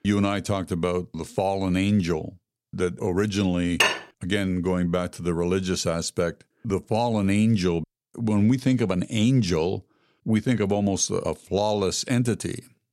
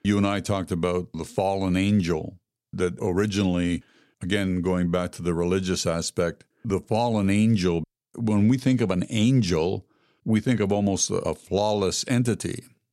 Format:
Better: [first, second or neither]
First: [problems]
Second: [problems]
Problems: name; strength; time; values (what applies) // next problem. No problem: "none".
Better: second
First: clattering dishes; loud; at 4 s; peak 3 dB above the speech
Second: none